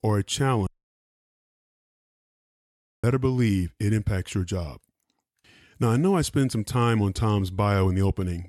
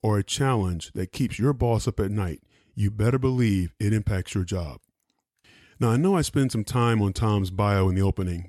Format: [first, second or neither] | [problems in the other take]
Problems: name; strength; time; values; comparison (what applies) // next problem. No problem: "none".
second | audio cutting out; at 0.5 s for 2.5 s